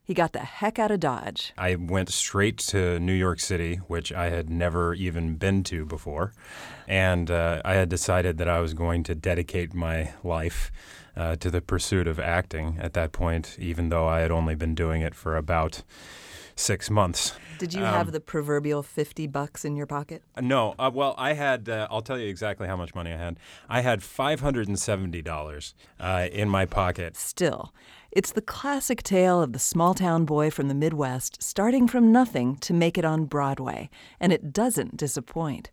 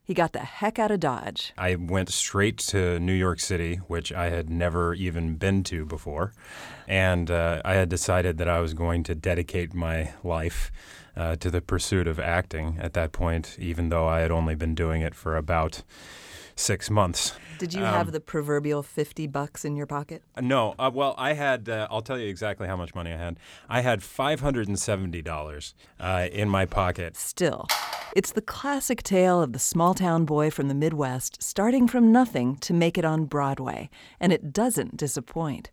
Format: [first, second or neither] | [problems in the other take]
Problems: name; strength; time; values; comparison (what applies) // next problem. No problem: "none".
first | phone ringing; noticeable; at 28 s; peak 1 dB below the speech